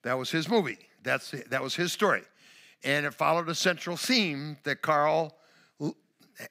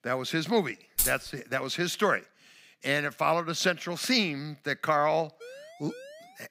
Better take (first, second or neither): first